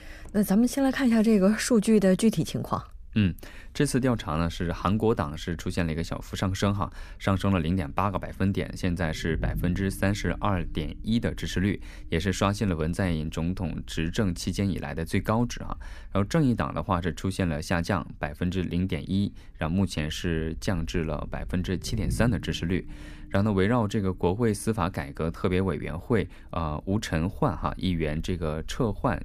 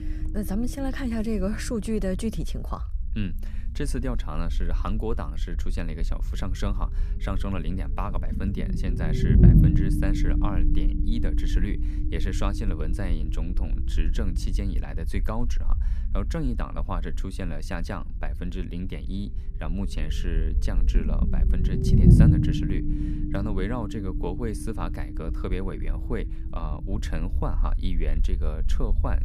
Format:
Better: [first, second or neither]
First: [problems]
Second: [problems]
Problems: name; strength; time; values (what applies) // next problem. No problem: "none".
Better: first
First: low rumble; faint; throughout; 25 dB below the speech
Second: low rumble; loud; throughout; as loud as the speech